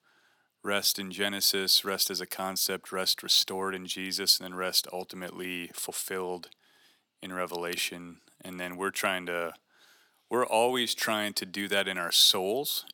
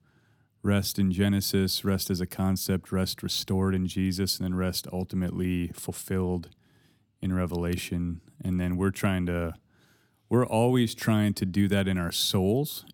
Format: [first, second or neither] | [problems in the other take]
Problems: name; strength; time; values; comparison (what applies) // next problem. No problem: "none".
second | thin; very; fading below 600 Hz